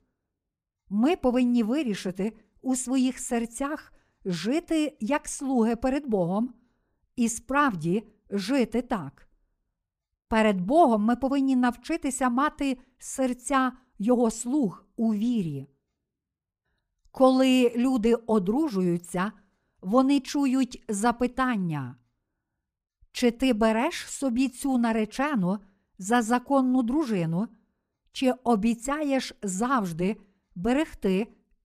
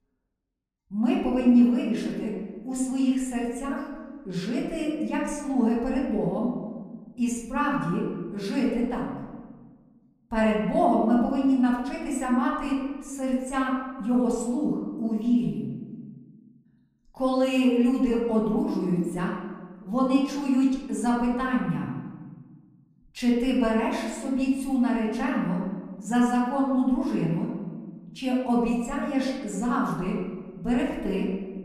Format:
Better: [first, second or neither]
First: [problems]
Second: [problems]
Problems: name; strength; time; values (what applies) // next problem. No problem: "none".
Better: first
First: none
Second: room echo; noticeable; dies away in 1.3 s // off-mic speech; far